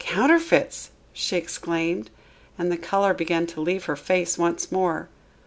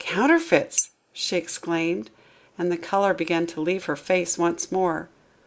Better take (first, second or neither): first